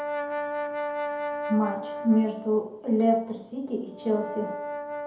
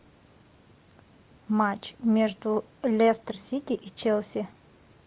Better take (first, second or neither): second